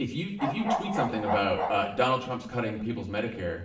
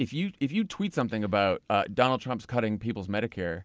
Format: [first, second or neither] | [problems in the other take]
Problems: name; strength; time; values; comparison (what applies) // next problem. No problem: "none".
second | background sound (Bark); 3 dB below the speech // room echo; dies away in 0.7 s